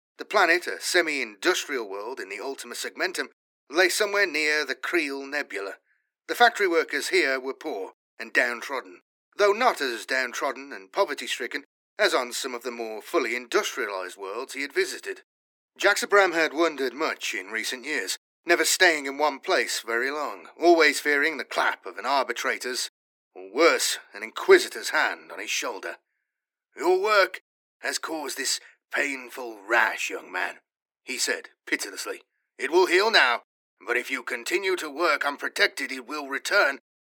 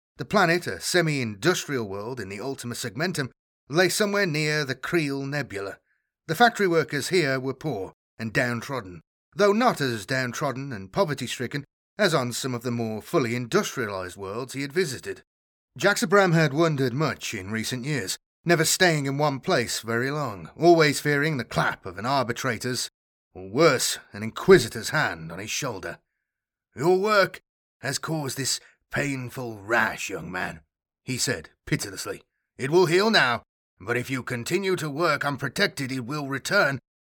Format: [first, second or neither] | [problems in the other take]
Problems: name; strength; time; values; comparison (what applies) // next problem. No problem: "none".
second | thin; somewhat; fading below 300 Hz